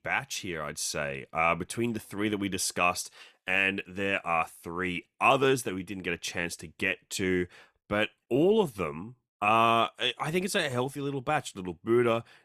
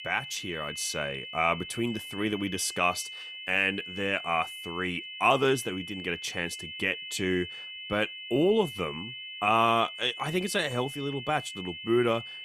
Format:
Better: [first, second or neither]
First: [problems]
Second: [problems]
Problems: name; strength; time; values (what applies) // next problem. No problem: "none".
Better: first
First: none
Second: high-pitched whine; loud; throughout; 3 kHz, 9 dB below the speech